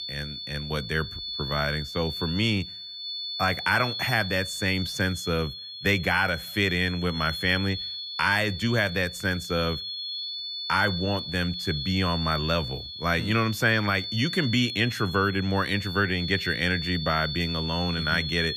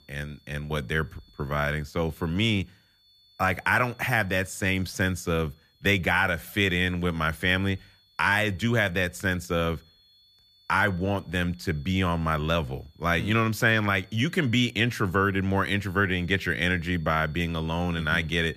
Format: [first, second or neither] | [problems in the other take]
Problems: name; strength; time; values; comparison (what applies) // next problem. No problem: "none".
second | high-pitched whine; loud; throughout; 4.5 kHz, 6 dB below the speech; faint in the second